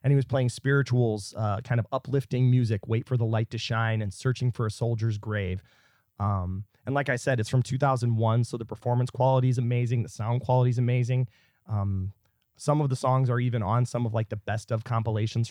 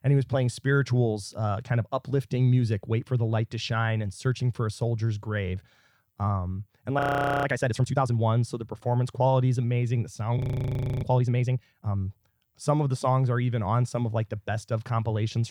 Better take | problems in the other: first | audio freezing; at 7 s and at 10 s for 0.5 s

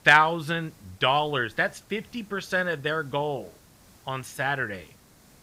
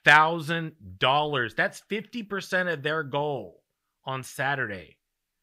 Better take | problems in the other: second | hiss; faint; throughout; 30 dB below the speech

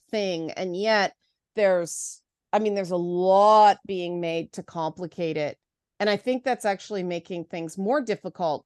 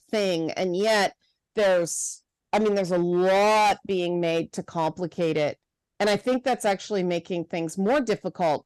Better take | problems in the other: first | distortion; heavy; 12% of the sound clipped

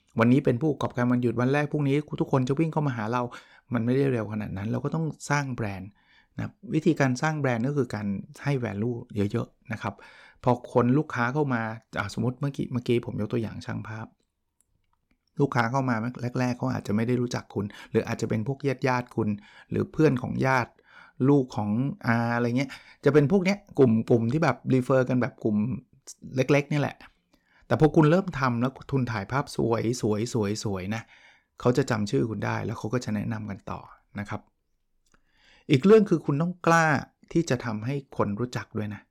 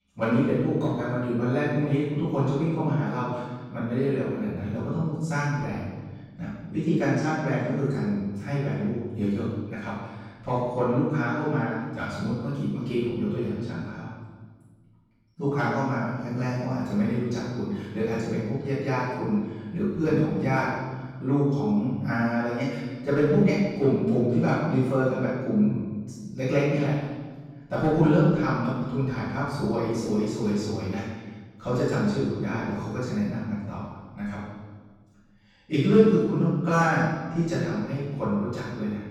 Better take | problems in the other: first | off-mic speech; far // room echo; strong; dies away in 1.4 s

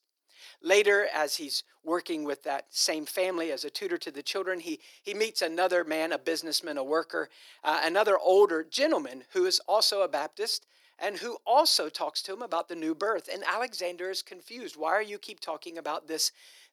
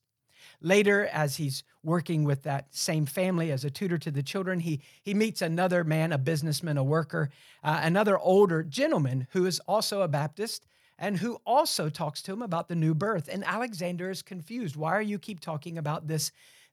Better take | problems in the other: second | thin; very; fading below 300 Hz

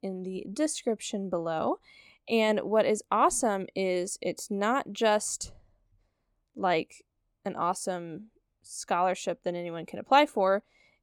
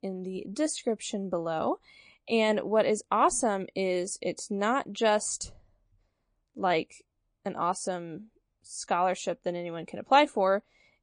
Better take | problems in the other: first | garbled, watery; slightly; nothing above 9.5 kHz

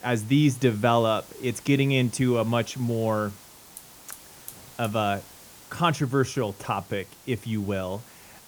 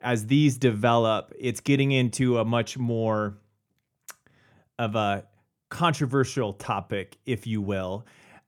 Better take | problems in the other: second | hiss; faint; throughout; 20 dB below the speech

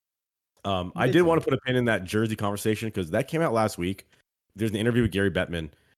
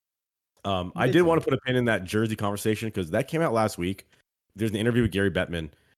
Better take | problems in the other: neither | none

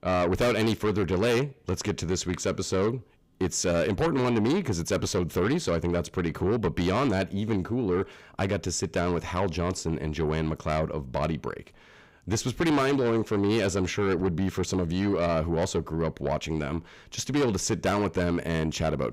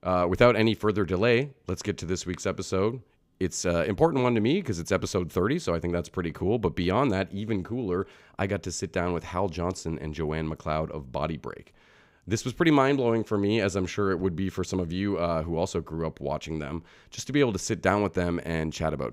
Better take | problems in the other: second | distortion; heavy; 7 dB below the speech

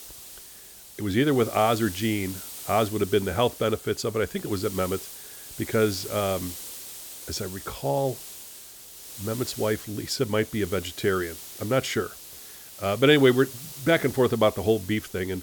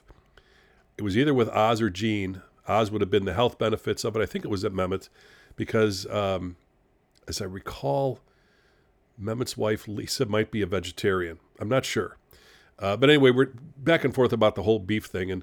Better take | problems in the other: second | hiss; noticeable; throughout; 15 dB below the speech

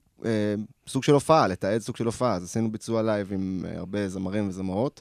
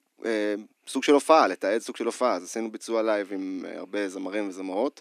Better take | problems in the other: first | thin; very slightly; fading below 250 Hz

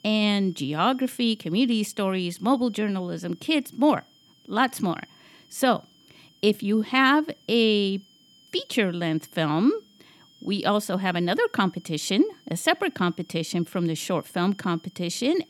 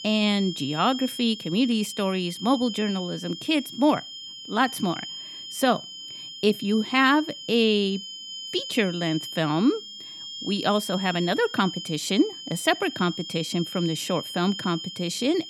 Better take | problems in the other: first | high-pitched whine; loud; throughout; 3 kHz, 10 dB below the speech; faint in the first

